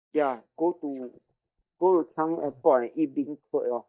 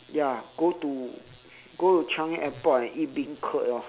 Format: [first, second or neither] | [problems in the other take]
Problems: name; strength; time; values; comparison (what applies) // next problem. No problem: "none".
second | noise reduction (neural mask model DeepFilterNet 3)